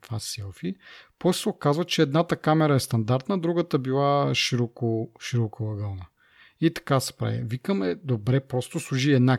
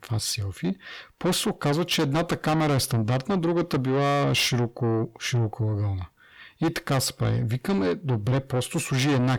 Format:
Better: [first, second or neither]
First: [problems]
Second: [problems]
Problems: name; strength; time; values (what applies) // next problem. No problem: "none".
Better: first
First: none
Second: distortion; heavy; 6 dB below the speech